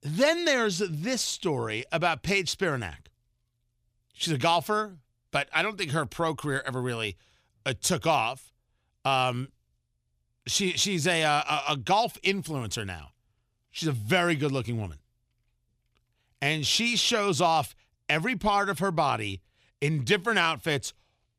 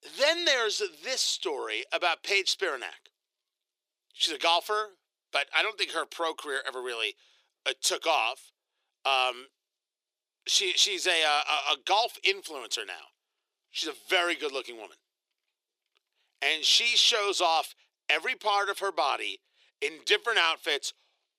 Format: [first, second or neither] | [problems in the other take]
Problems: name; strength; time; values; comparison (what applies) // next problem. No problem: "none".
first | thin; very; fading below 350 Hz